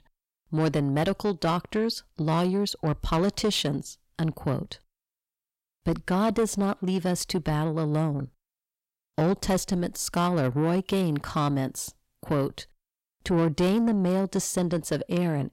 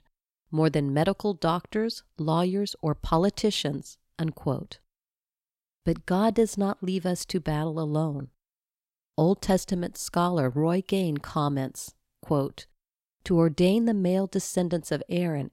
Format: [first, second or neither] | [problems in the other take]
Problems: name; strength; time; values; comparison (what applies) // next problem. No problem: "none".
second | distortion; slight; 10 dB below the speech